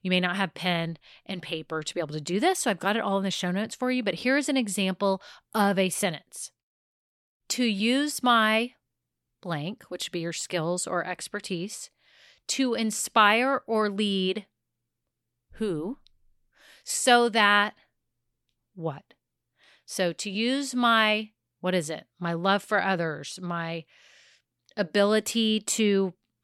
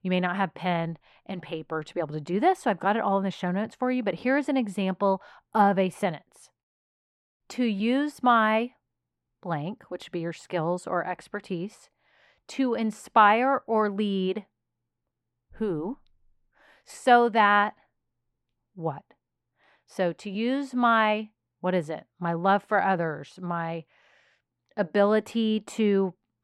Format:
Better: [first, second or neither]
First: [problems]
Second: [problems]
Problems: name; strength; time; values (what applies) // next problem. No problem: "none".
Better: first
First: none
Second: muffled; very; fading above 3 kHz